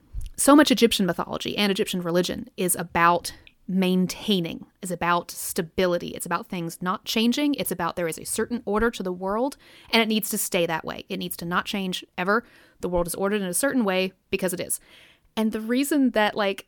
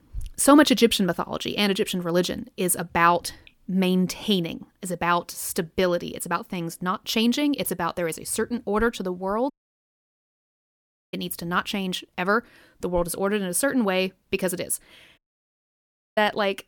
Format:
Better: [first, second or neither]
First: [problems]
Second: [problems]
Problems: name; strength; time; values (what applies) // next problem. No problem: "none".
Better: first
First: none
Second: audio cutting out; at 9.5 s for 1.5 s and at 15 s for 1 s